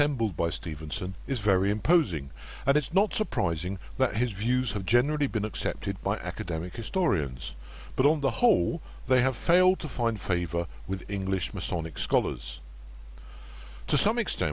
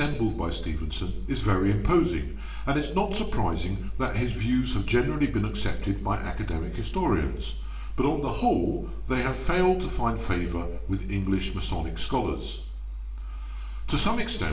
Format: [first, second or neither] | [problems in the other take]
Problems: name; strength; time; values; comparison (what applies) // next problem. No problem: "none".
first | room echo; dies away in 0.8 s